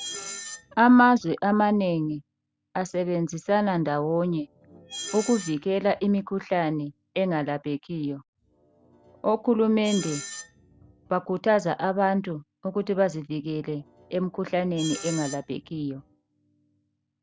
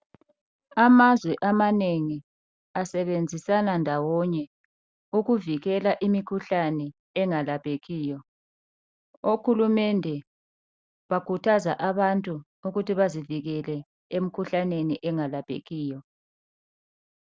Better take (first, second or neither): second